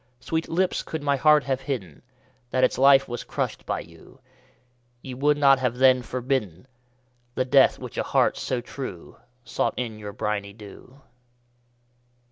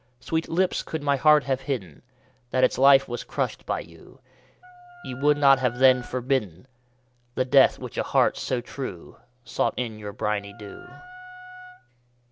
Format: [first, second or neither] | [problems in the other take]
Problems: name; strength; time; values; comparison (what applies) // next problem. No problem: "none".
first | background sound (Wind instrument, woodwind instrument); 17 dB below the speech